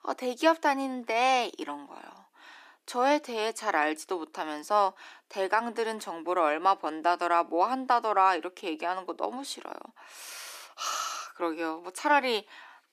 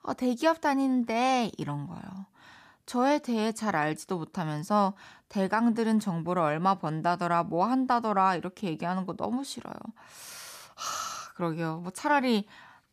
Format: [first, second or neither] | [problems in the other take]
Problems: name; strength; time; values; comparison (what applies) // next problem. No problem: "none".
second | thin; somewhat; fading below 300 Hz